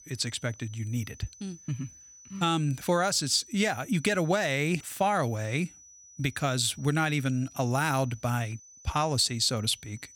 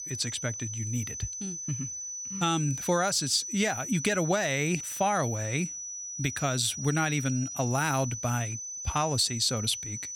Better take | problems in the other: first | high-pitched whine; loud; throughout; 6 kHz, 6 dB below the speech; faint in the first

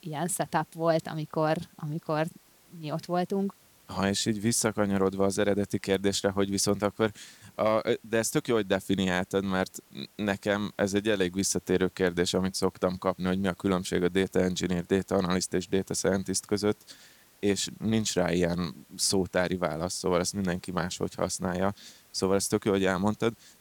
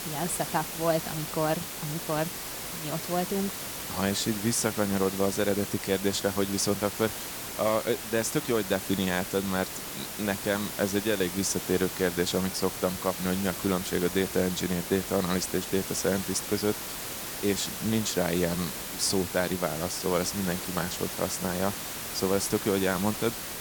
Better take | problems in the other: first | hiss; loud; throughout; 5 dB below the speech; faint in the first

